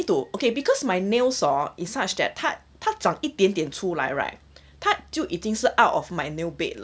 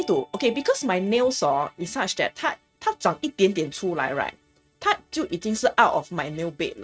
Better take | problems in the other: first | noise reduction (neural mask model RNNoise)

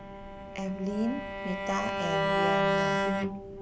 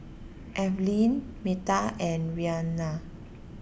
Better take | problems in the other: second | background sound (Bowed string instrument); 5 dB above the speech

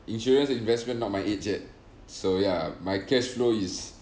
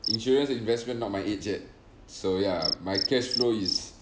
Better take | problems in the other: first | background sound (Cricket); 7 dB below the speech

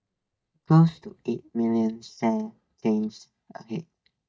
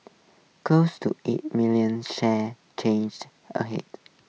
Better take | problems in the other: second | noise reduction (neural mask model DeepFilterNet 3)

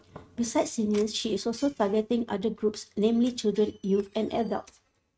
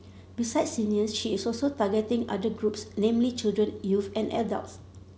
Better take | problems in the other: second | noise reduction (neural mask model RNNoise)

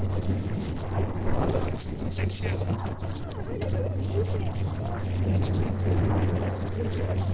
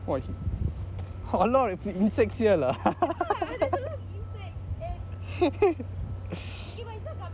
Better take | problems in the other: second | noise reduction (neural separator model SepFormer DNS4)

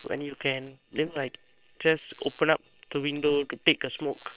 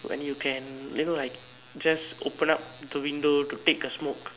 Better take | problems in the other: second | noise reduction (neural separator model SepFormer WHAM!)

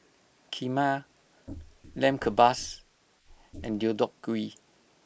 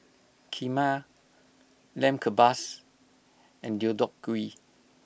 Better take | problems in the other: second | noise reduction (neural mask model Resemble Enhance denoiser)

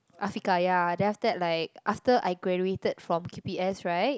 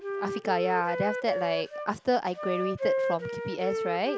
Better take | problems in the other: first | background sound (Wind instrument, woodwind instrument); 2 dB below the speech

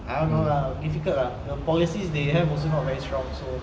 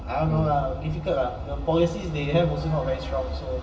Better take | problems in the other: first | room echo; dies away in 0.1 s

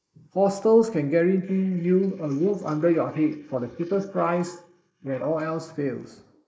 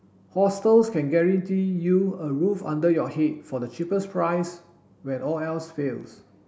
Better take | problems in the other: second | noise reduction (neural mask model Resemble Enhance denoiser)

